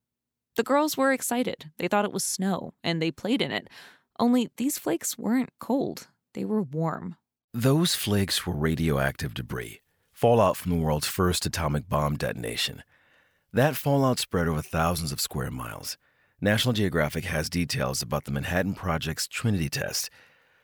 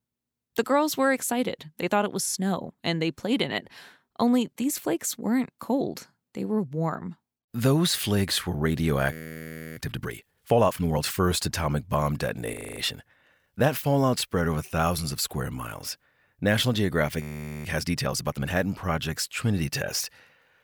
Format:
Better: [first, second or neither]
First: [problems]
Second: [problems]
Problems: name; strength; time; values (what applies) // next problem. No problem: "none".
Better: first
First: none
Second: audio freezing; at 9 s for 0.5 s, at 13 s and at 17 s